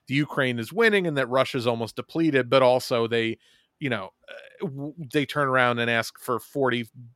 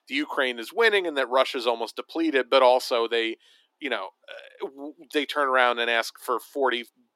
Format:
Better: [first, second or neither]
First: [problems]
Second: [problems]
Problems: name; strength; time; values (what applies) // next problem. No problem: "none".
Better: first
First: none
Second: thin; somewhat; fading below 300 Hz